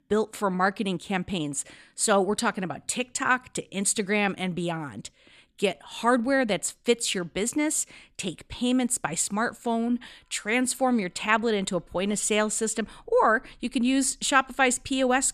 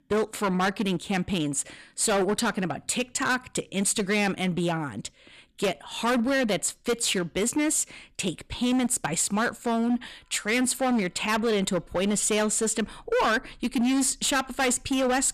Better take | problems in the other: first | distortion; heavy; 15% of the sound clipped

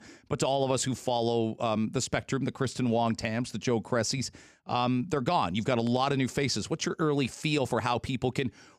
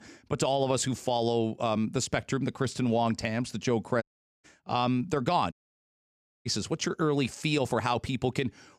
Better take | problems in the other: first | audio cutting out; at 4 s and at 5.5 s for 1 s

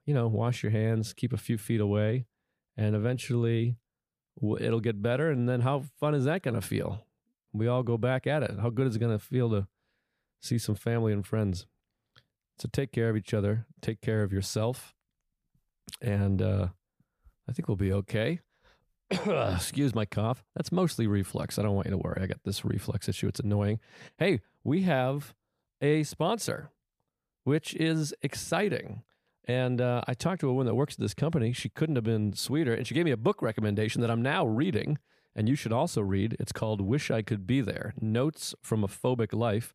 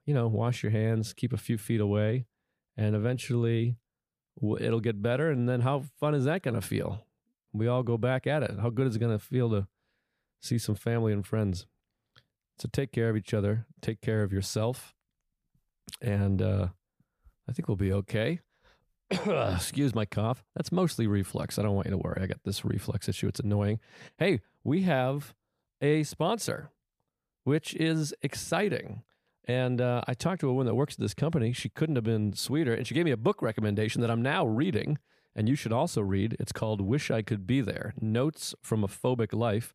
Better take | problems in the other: neither | none

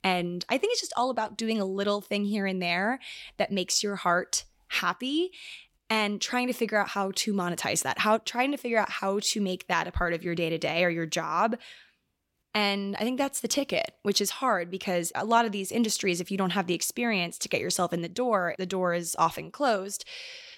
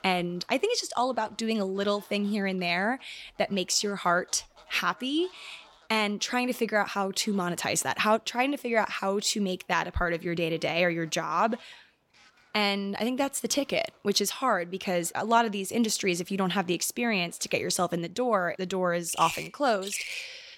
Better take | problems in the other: first | animal sounds; noticeable; throughout; 15 dB below the speech

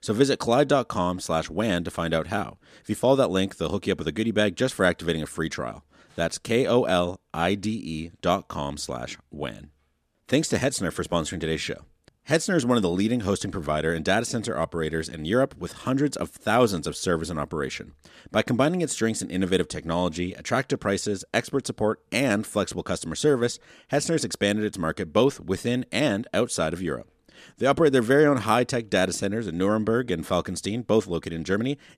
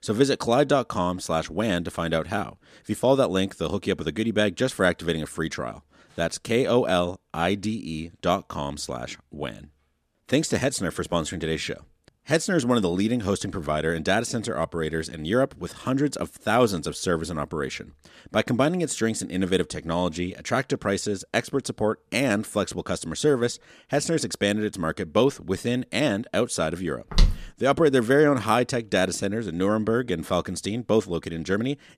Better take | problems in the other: first | footsteps; loud; at 27 s; peak 1 dB above the speech

